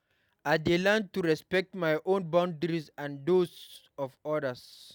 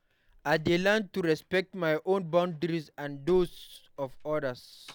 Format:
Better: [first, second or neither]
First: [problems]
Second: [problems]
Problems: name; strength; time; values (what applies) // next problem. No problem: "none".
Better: first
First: none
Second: background sound (Slam); 19 dB below the speech